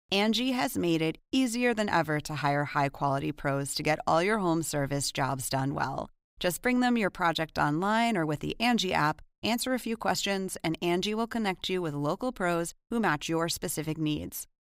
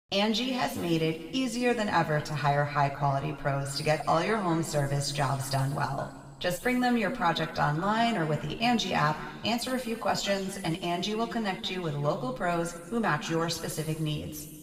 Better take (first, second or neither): first